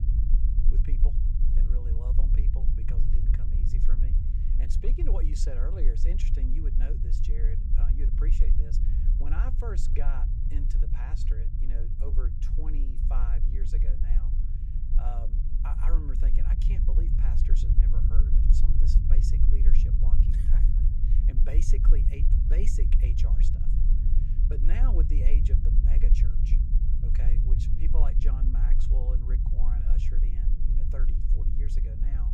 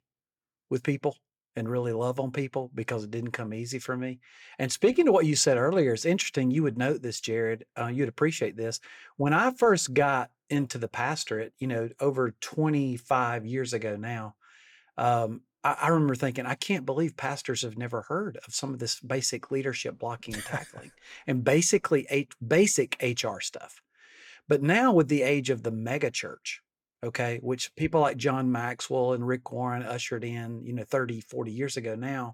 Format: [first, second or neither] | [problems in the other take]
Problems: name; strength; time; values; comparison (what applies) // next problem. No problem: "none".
second | low rumble; loud; throughout; 1 dB below the speech